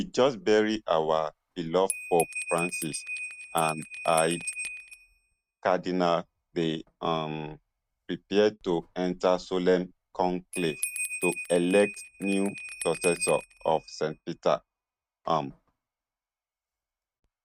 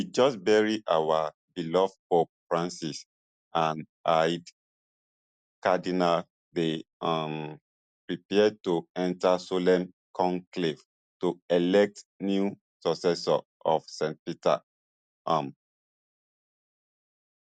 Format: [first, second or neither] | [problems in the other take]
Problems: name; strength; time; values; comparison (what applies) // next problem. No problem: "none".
second | noise reduction (neural mask model RNNoise)